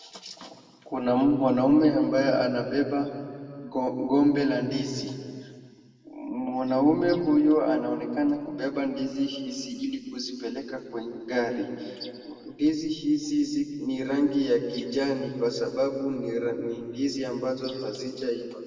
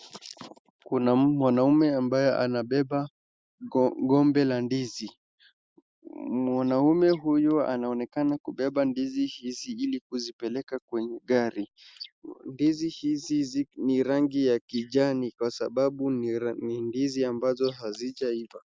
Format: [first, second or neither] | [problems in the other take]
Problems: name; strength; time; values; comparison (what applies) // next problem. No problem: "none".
second | room echo; dies away in 2.1 s